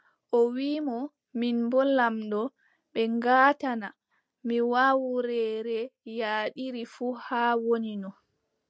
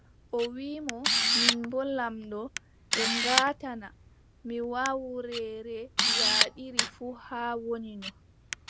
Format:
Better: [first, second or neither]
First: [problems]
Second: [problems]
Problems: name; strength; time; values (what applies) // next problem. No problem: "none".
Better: first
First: none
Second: background sound (Camera); 3 dB above the speech